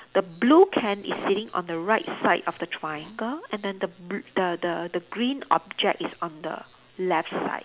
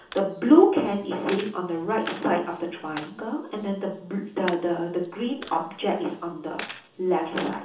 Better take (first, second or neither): first